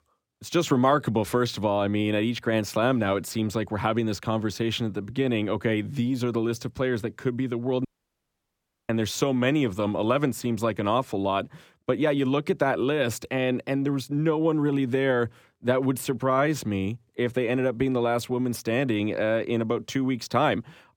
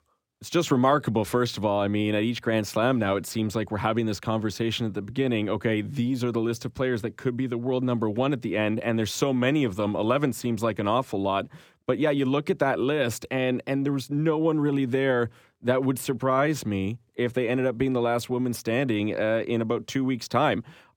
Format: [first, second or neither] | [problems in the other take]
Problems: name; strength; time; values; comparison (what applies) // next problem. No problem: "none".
second | audio cutting out; at 8 s for 1 s